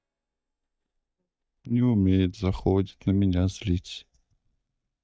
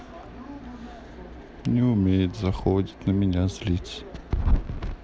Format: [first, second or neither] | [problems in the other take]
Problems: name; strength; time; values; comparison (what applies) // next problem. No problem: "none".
second | noise reduction (neural mask model DeepFilterNet 3)